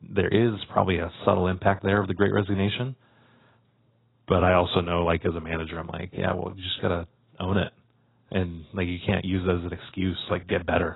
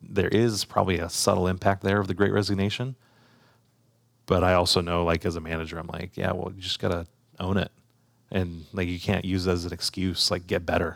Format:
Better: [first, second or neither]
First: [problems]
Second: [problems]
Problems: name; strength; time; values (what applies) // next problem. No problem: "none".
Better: second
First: garbled, watery; badly; nothing above 4 kHz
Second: none